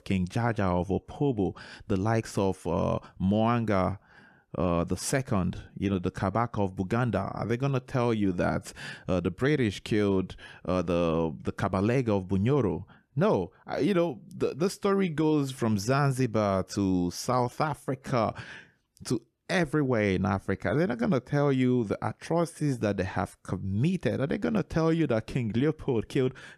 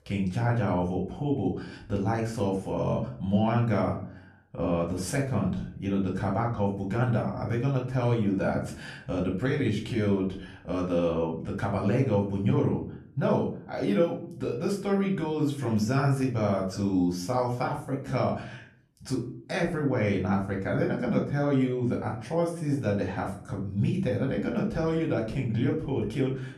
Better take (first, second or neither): first